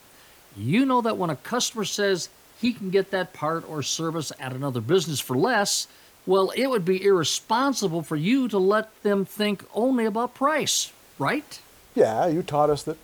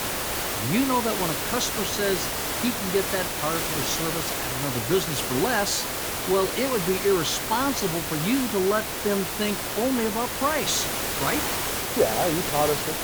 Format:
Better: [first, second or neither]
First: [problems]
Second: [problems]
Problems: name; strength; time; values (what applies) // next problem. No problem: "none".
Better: first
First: hiss; faint; throughout; 30 dB below the speech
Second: hiss; loud; throughout; as loud as the speech